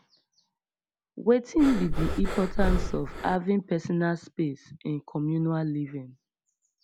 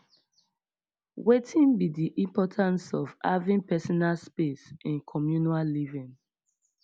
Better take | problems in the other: second | background sound (Breathing); 1 dB above the speech

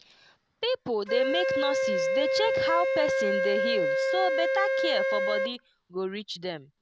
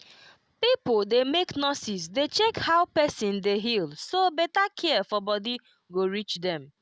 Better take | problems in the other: second | background sound (Wind instrument, woodwind instrument); 4 dB above the speech

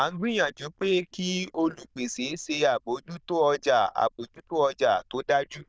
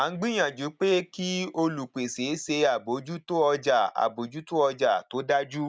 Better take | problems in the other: second | noise reduction (neural diffusion model UNIVERSE++)

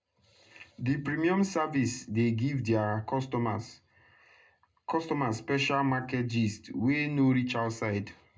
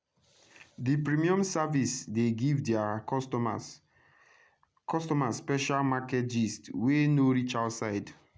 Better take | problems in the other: second | room echo; dies away in 0.2 s

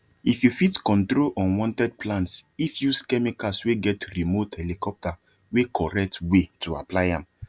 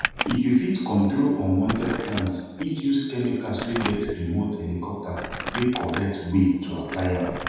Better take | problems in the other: first | background sound (Crumpling, crinkling); 10 dB below the speech // room echo; dies away in 1.2 s

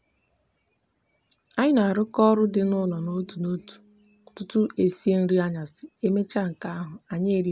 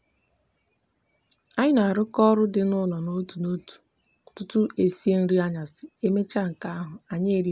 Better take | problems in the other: second | background sound (Piano); 19 dB below the speech

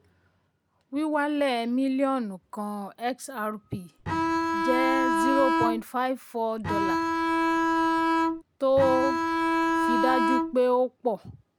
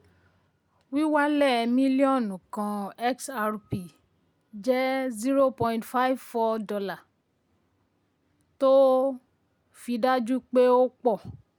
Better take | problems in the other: second | background sound (Bowed string instrument); 4 dB above the speech

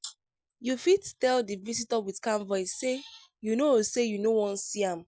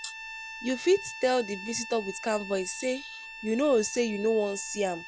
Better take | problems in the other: first | background sound (Bowed string instrument); 13 dB below the speech

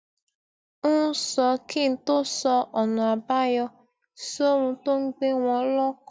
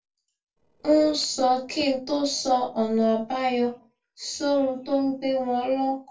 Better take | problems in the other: first | noise reduction (neural separator model SepFormer DNS4)

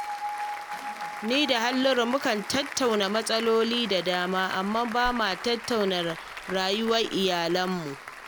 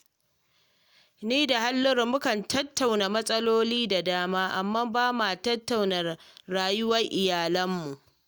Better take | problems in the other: second | background sound (Applause + Bell); 11 dB below the speech

